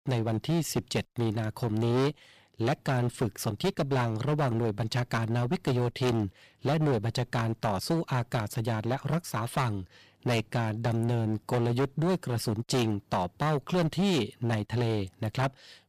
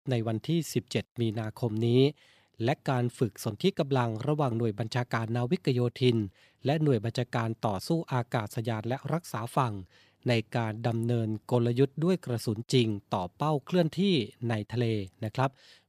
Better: second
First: distortion; heavy; 14% of the sound clipped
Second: none

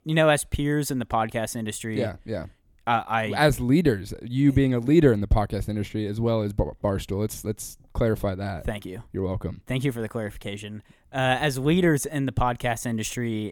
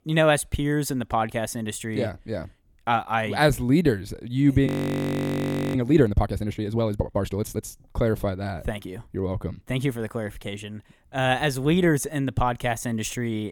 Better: first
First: none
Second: audio freezing; at 4.5 s for 1 s

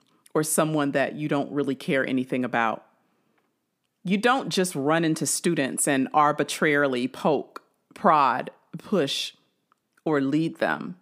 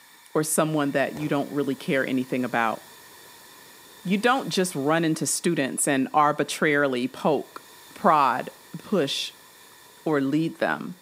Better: first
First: none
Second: hiss; faint; throughout; 25 dB below the speech

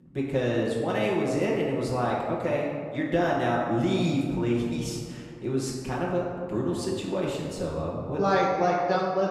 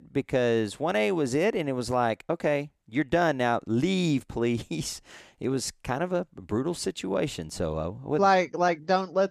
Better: second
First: room echo; noticeable; dies away in 1.7 s // off-mic speech; far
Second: none

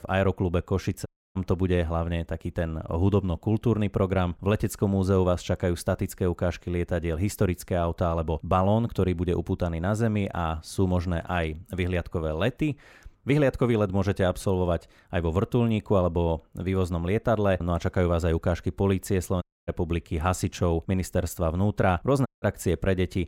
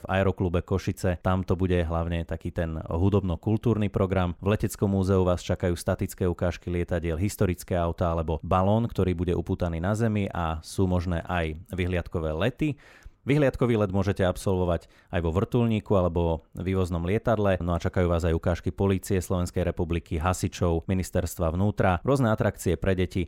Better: second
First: audio cutting out; at 1 s, at 19 s and at 22 s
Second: none

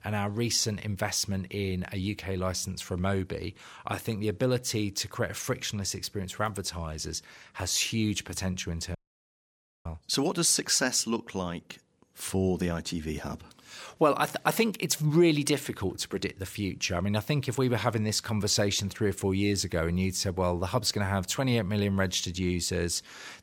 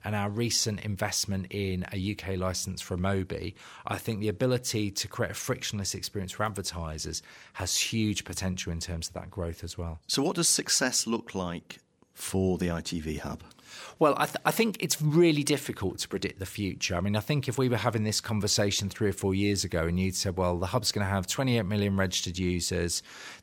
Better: second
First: audio cutting out; at 9 s for 1 s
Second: none

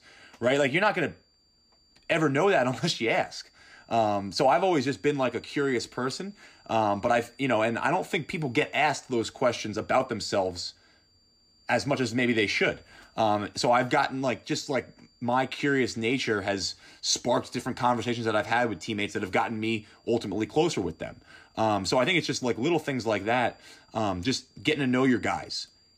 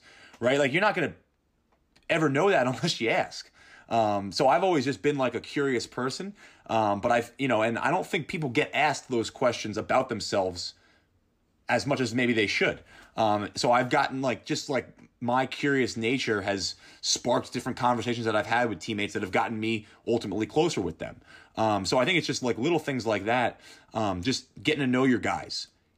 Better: second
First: high-pitched whine; faint; throughout; 4.5 kHz, 35 dB below the speech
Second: none

